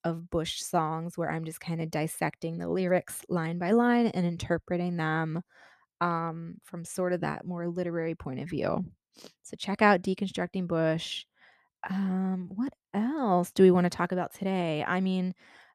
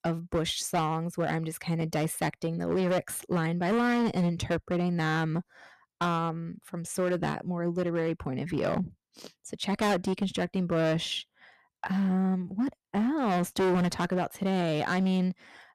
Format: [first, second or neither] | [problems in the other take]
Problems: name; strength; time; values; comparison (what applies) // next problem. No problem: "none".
first | distortion; heavy; 11% of the sound clipped